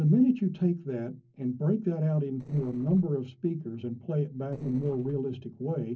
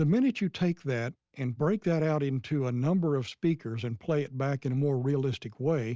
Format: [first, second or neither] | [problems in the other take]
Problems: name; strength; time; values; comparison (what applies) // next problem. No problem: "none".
second | noise reduction (neural separator model SepFormer DNS4)